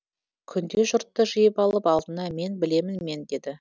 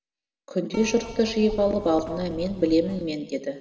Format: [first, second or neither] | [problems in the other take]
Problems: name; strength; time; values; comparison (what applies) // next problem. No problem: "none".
first | background sound (Keyboard (musical)); 15 dB below the speech // room echo; dies away in 1.8 s